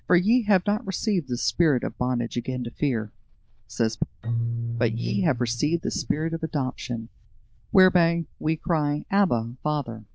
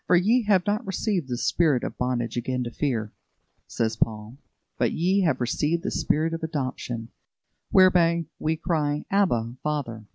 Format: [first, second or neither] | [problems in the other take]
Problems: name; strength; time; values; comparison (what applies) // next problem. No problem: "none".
second | noise reduction (neural diffusion model UNIVERSE++)